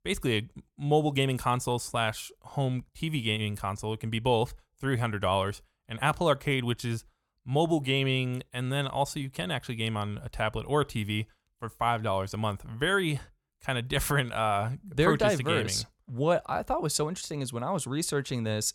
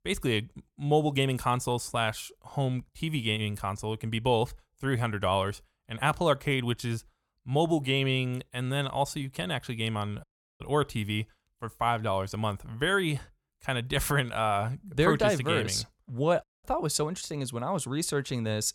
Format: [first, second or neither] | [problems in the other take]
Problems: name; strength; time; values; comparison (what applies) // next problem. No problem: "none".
first | audio cutting out; at 10 s and at 16 s